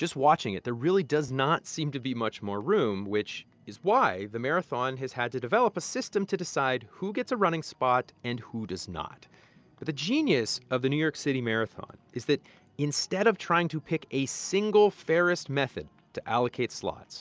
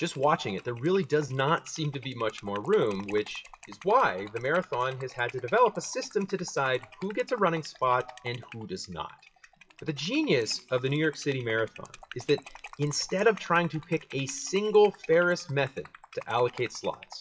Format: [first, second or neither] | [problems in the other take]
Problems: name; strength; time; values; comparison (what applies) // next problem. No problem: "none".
first | noise reduction (classical method WPE with log-MMSE)